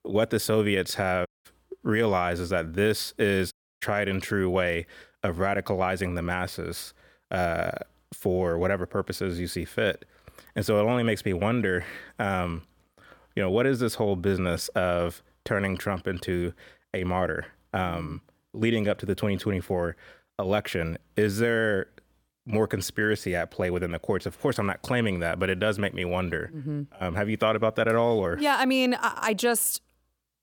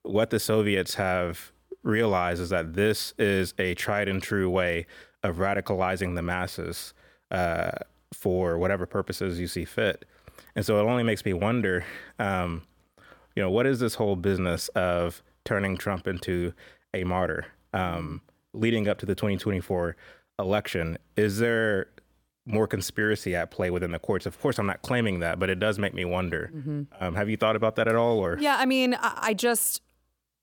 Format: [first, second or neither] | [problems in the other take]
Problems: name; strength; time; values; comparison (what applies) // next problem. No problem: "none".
second | audio cutting out; at 1.5 s and at 3.5 s